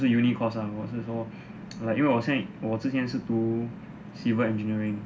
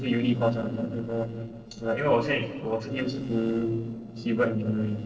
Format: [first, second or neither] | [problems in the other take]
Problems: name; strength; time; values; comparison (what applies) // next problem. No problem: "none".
first | noise reduction (neural separator model SepFormer DNS4)